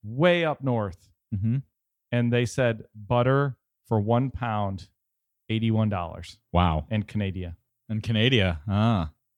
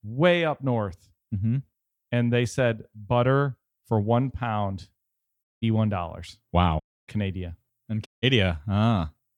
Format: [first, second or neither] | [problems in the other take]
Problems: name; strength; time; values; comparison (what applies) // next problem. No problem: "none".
first | audio cutting out; at 5.5 s, at 7 s and at 8 s